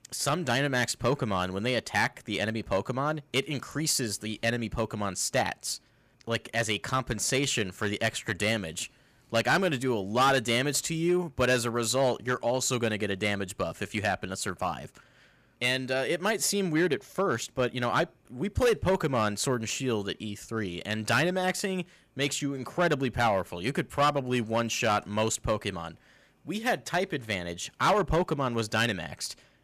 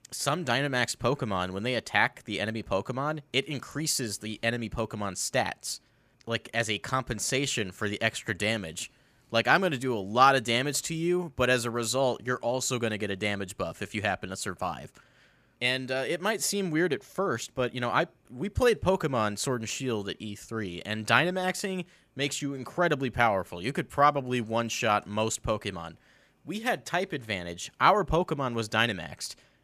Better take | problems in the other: second | distortion; slight; 3% of the sound clipped

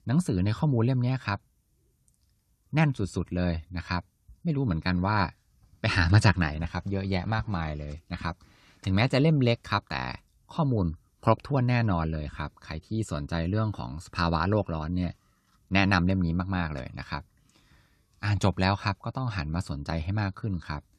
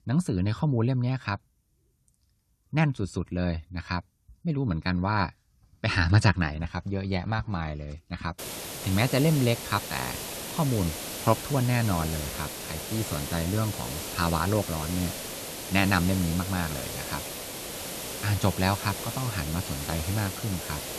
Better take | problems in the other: first | hiss; loud; from 8.5 s on; 6 dB below the speech

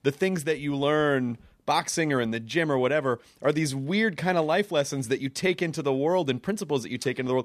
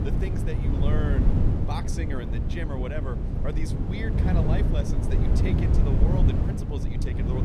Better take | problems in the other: first | wind noise on the microphone; heavy; 1 dB above the speech

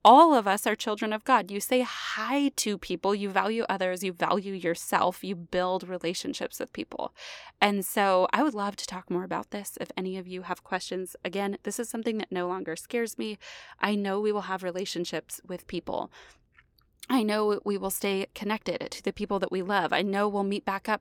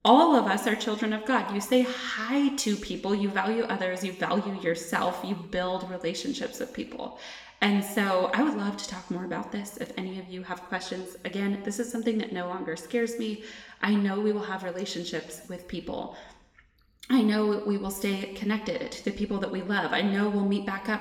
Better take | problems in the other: first | room echo; slight; dies away in 0.9 s

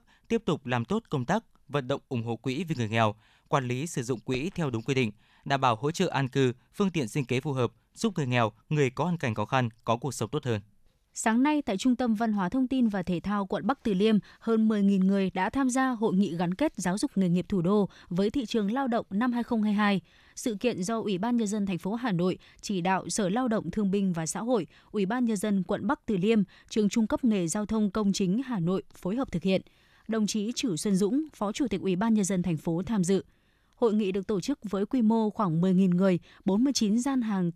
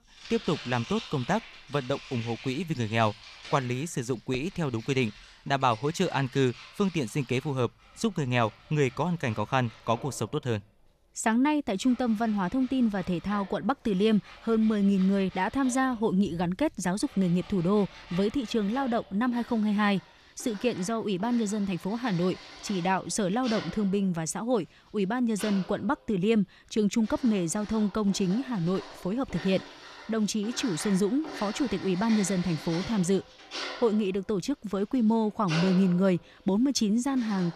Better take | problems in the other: first | household noises; noticeable; throughout; 15 dB below the speech

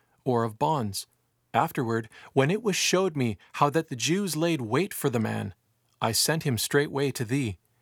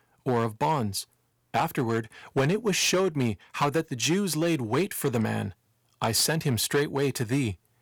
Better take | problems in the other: first | distortion; slight; 5% of the sound clipped

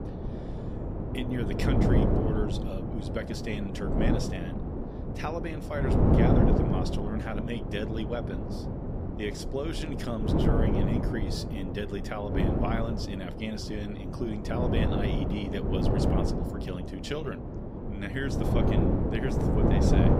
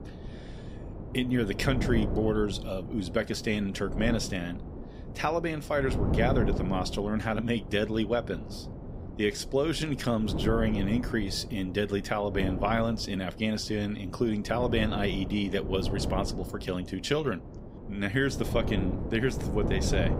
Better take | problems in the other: second | wind noise on the microphone; heavy; 2 dB above the speech; occasional gusts in the second

